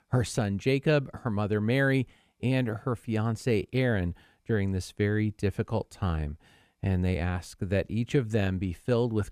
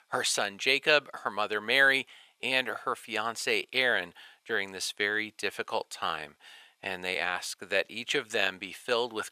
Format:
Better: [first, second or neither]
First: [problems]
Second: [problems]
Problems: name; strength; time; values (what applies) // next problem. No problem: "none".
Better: first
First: none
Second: thin; very; fading below 850 Hz